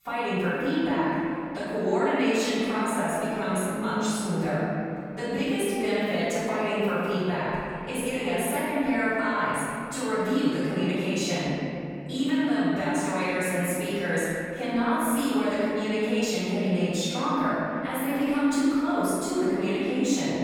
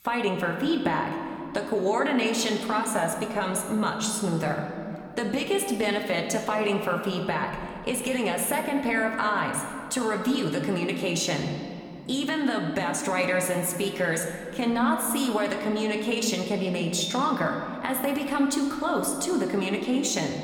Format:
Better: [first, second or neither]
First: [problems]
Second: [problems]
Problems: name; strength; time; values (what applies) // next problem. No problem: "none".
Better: second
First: room echo; strong; dies away in 2.8 s // off-mic speech; far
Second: room echo; slight; dies away in 2.1 s